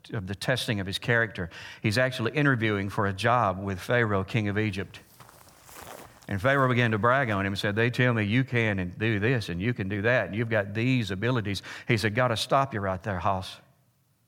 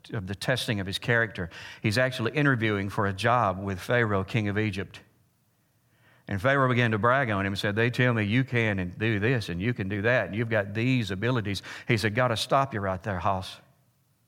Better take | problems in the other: second | footsteps; faint; from 4.5 to 8 s; peak 15 dB below the speech

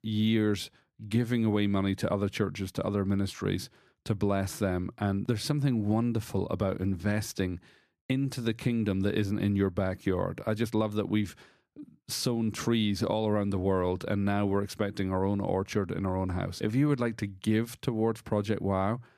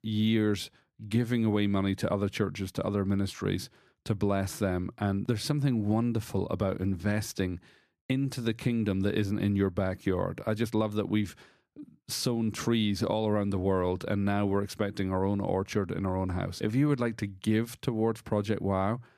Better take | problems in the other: neither | none

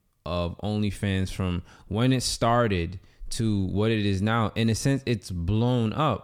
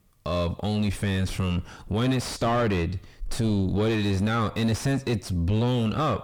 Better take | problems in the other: first | distortion; heavy; 5 dB below the speech

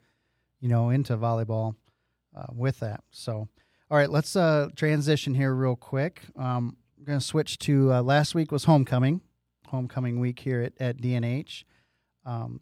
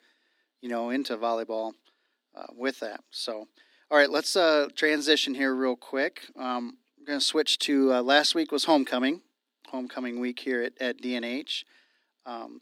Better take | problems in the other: first | thin; somewhat; fading below 250 Hz

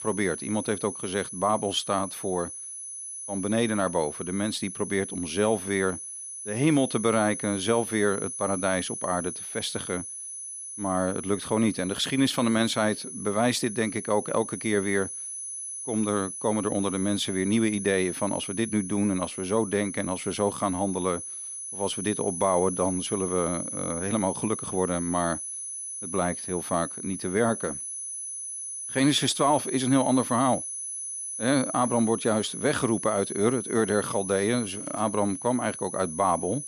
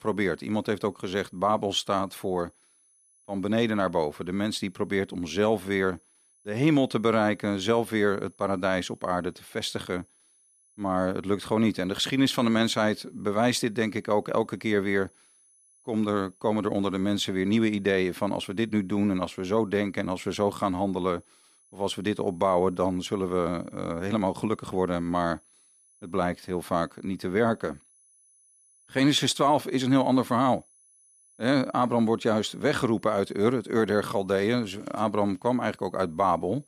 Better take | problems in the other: second | high-pitched whine; loud; throughout; 10 kHz, 7 dB below the speech; faint in the second

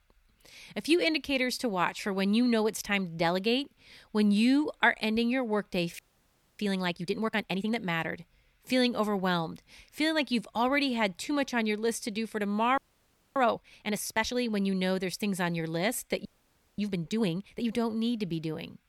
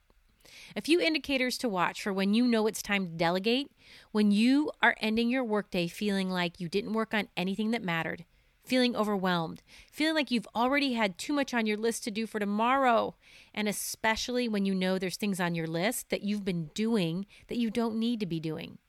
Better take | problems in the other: second | audio freezing; at 6 s for 0.5 s, at 13 s for 0.5 s and at 16 s for 0.5 s

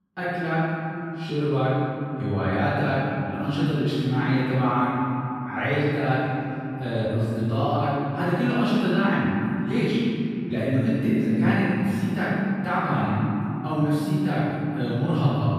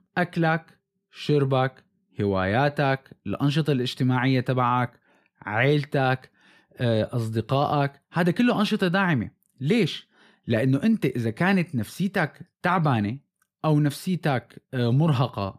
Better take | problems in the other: second | off-mic speech; far // room echo; strong; dies away in 3 s

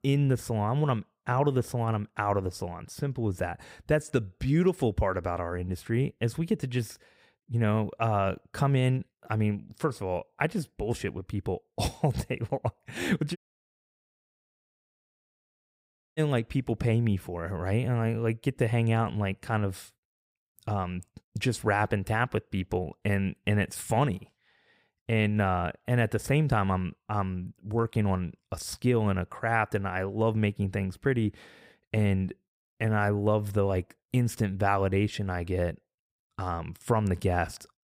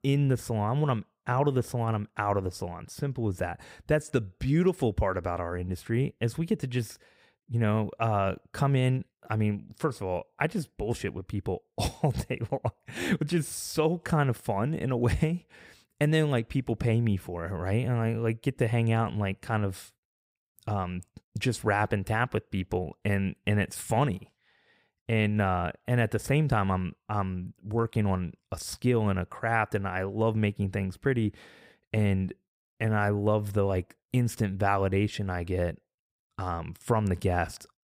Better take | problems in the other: second | audio cutting out; at 13 s for 3 s

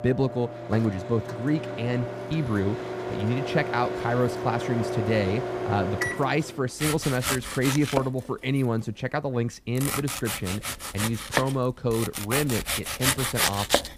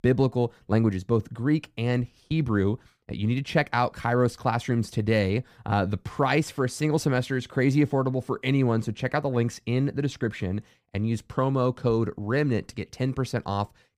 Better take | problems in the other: second | household noises; loud; throughout; 2 dB below the speech

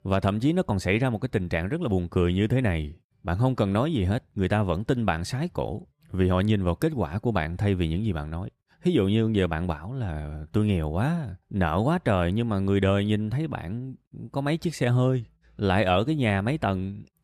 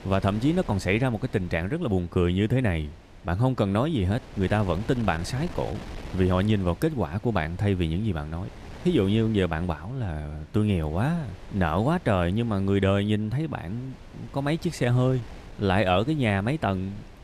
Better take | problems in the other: first | wind noise on the microphone; occasional gusts; 20 dB below the speech

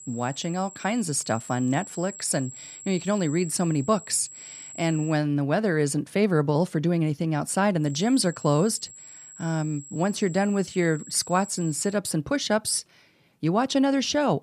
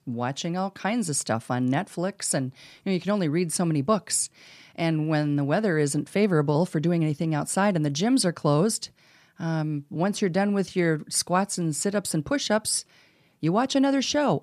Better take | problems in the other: second | high-pitched whine; noticeable; until 5 s and from 8 to 12 s; 7.5 kHz, 15 dB below the speech

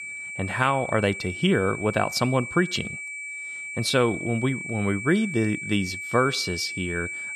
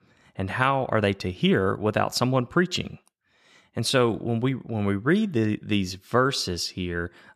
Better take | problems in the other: second | high-pitched whine; loud; throughout; 2.5 kHz, 7 dB below the speech

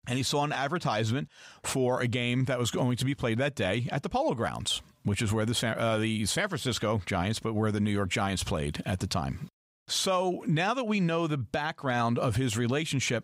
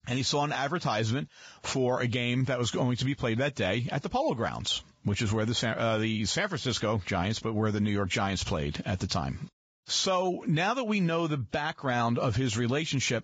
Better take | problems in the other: first | garbled, watery; badly; nothing above 7.5 kHz

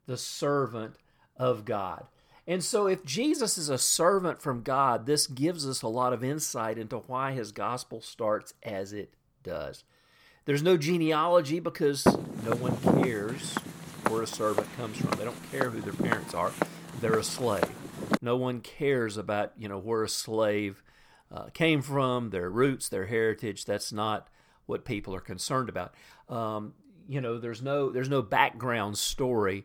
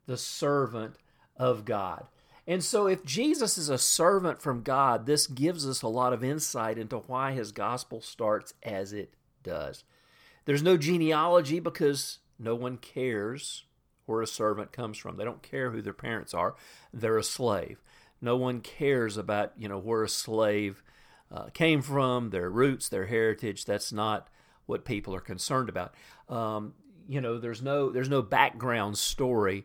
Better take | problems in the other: second | footsteps; loud; from 12 to 18 s; peak 5 dB above the speech

